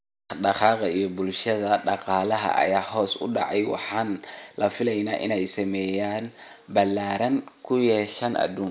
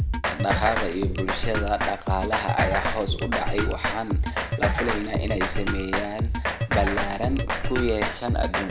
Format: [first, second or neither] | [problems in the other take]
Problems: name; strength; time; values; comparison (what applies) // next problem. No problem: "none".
first | background sound (Drum kit); 2 dB above the speech